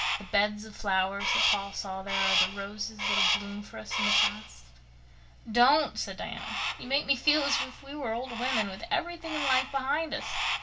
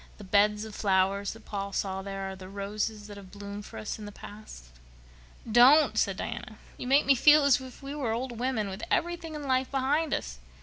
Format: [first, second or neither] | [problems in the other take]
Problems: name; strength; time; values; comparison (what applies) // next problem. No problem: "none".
second | background sound (Crow); 1 dB below the speech // room echo; dies away in 0.2 s